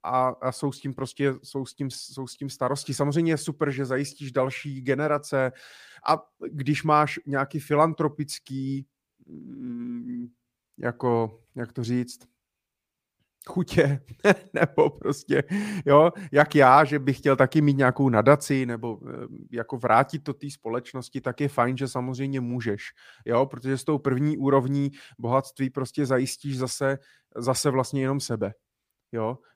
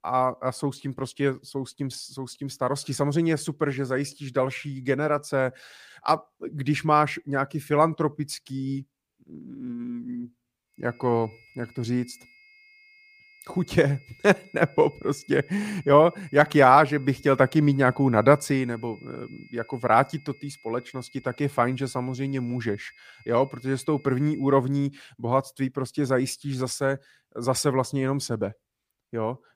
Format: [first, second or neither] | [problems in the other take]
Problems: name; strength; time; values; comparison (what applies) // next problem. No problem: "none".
first | high-pitched whine; faint; from 11 to 25 s; 2 kHz, 25 dB below the speech